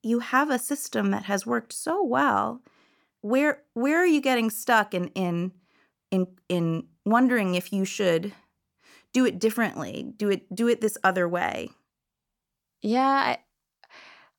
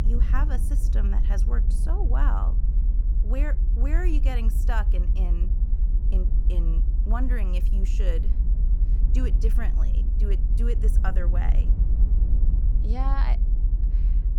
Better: first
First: none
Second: low rumble; loud; throughout; 8 dB below the speech

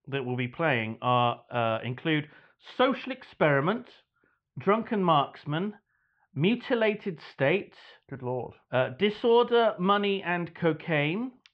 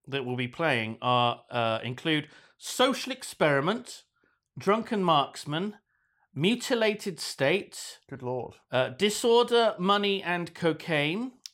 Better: second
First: muffled; very; fading above 3 kHz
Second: none

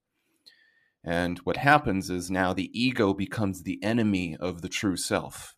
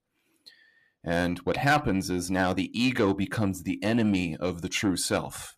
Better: first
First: none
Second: distortion; slight; 10 dB below the speech

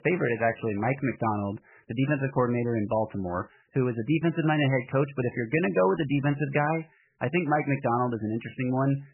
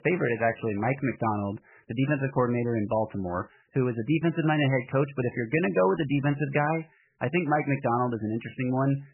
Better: neither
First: garbled, watery; badly; nothing above 3 kHz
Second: garbled, watery; badly; nothing above 3 kHz

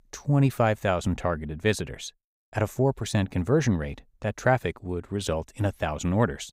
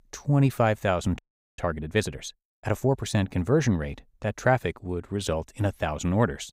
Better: first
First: none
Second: audio freezing; at 1 s

